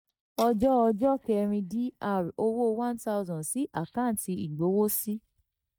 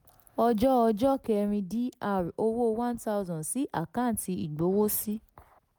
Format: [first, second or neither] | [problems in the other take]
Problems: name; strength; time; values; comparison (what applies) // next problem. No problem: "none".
second | noise reduction (neural mask model DeepFilterNet 3)